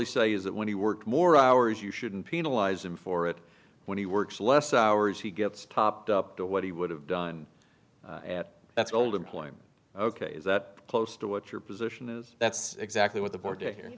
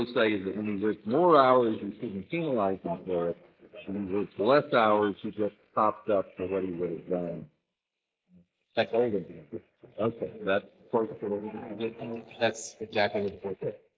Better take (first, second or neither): first